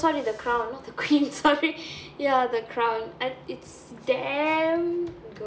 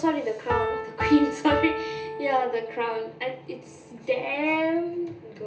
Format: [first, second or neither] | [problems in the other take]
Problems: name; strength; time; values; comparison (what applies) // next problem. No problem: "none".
first | background sound (Piano); 7 dB below the speech // room echo; dies away in 0.3 s